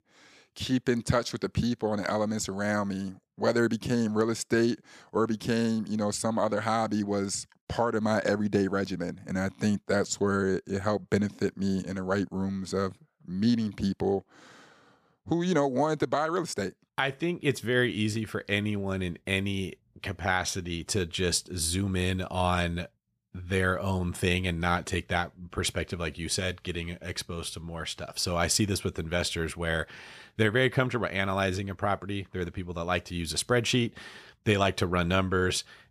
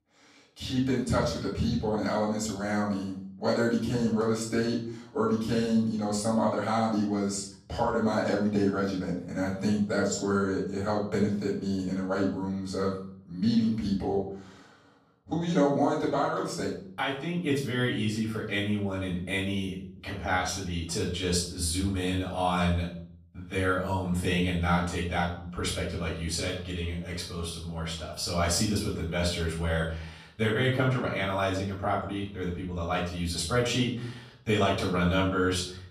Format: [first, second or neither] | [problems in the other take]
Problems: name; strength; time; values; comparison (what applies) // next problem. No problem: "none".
first | off-mic speech; far // room echo; noticeable; dies away in 0.5 s